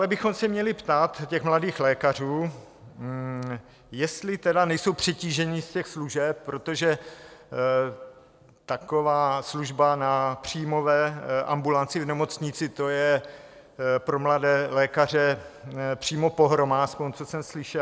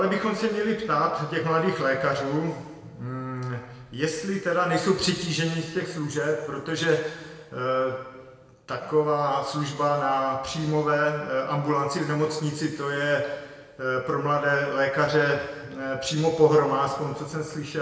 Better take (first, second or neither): first